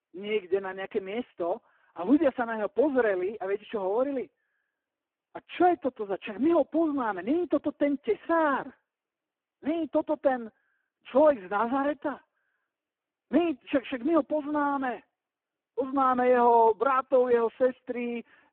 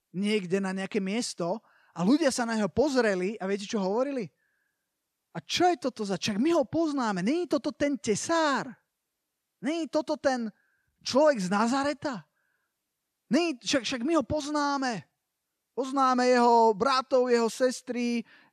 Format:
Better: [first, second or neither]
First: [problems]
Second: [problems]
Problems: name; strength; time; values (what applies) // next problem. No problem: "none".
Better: second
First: phone-call audio; poor line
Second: none